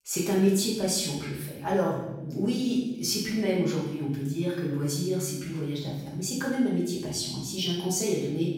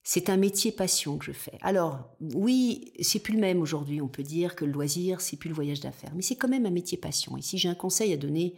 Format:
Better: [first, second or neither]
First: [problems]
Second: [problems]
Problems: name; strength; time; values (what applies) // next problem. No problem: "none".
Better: second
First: off-mic speech; far // room echo; noticeable; dies away in 1 s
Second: none